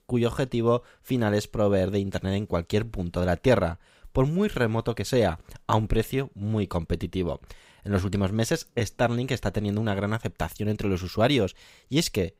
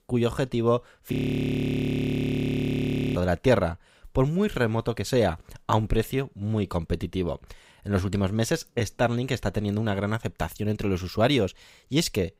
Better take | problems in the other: first | audio freezing; at 1 s for 2 s

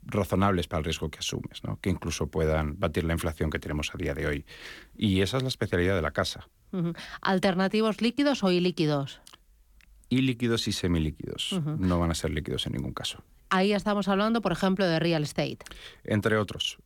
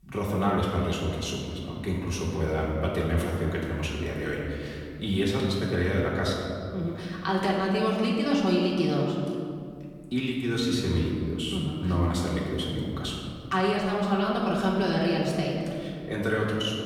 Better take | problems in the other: first | room echo; noticeable; dies away in 2.2 s // off-mic speech; far

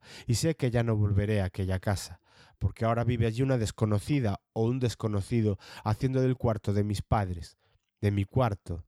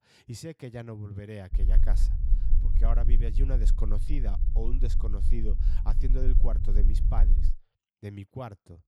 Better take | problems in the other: first | low rumble; loud; from 1.5 to 7.5 s; 7 dB below the speech

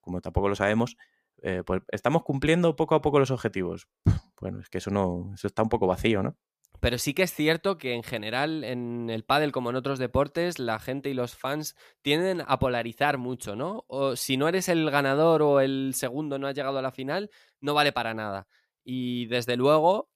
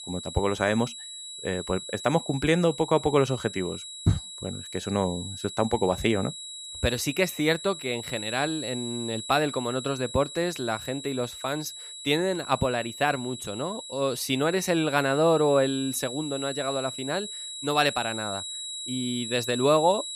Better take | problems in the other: first | high-pitched whine; loud; throughout; 4 kHz, 9 dB below the speech

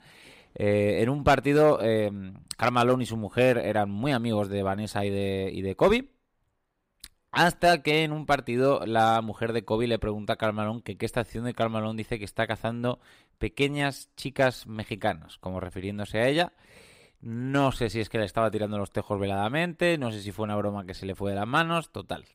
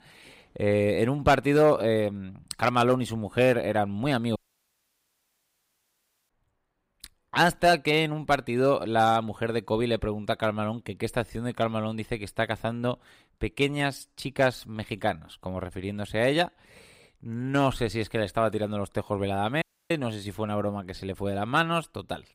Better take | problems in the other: first | audio cutting out; at 4.5 s for 2 s and at 20 s

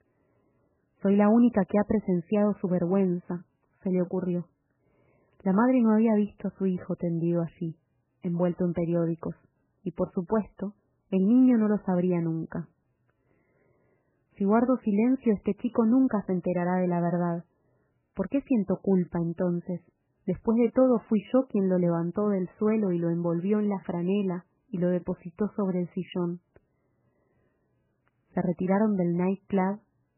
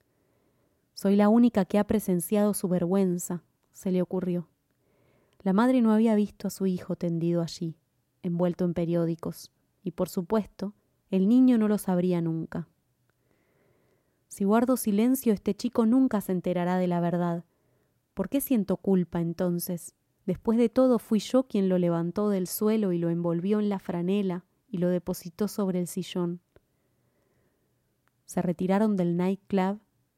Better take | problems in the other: second | garbled, watery; badly; nothing above 3 kHz

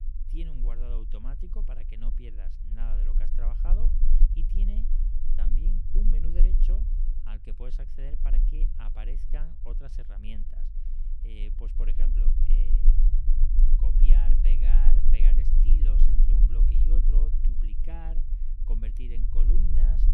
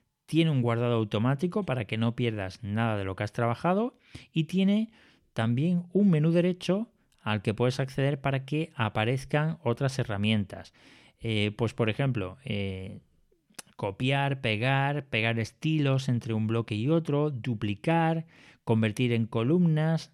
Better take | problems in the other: second | low rumble; loud; throughout; 2 dB below the speech

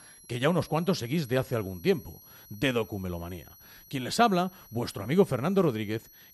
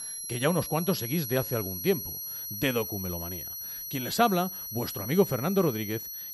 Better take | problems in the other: first | high-pitched whine; loud; throughout; 11.5 kHz, 5 dB below the speech; faint in the first

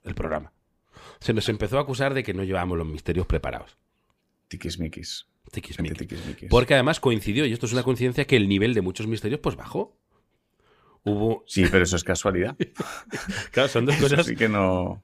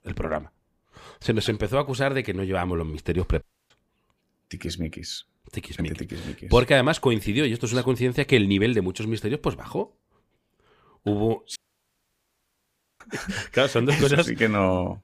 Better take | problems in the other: first | audio cutting out; at 3.5 s and at 12 s for 1.5 s

